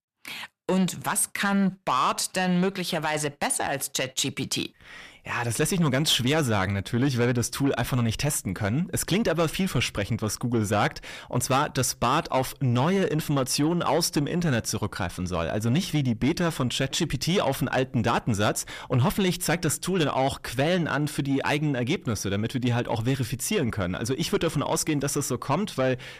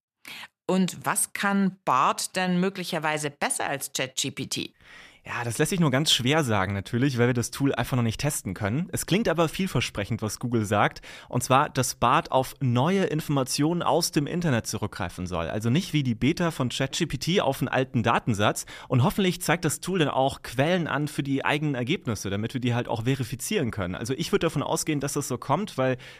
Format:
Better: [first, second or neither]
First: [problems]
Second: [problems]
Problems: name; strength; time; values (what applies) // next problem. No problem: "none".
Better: second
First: distortion; slight; 10 dB below the speech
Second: none